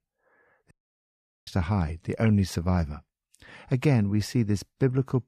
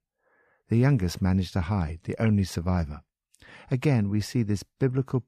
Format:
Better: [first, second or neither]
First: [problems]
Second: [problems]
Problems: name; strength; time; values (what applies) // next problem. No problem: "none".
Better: second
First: audio cutting out; at 0.5 s for 1 s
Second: none